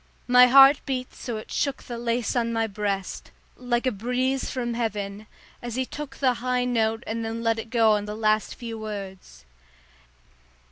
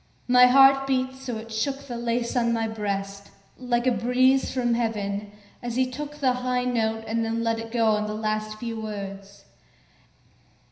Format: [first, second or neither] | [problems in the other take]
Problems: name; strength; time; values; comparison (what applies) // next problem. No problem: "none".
first | room echo; dies away in 0.9 s